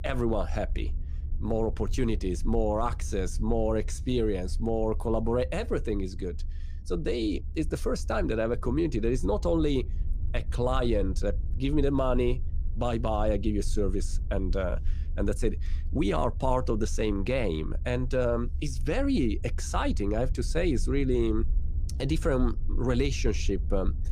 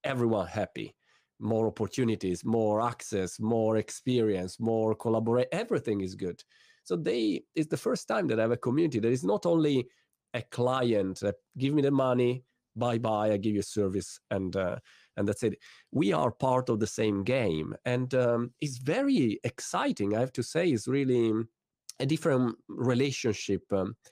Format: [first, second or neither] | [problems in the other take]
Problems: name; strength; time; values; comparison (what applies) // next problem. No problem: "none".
second | low rumble; faint; throughout; 20 dB below the speech